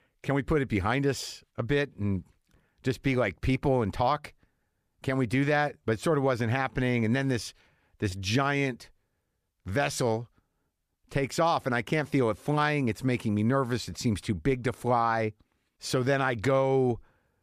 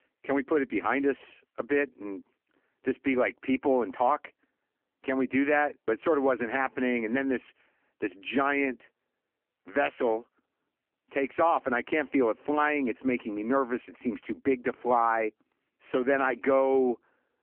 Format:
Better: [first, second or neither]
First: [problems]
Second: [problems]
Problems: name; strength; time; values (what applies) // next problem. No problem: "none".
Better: first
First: none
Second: phone-call audio; poor line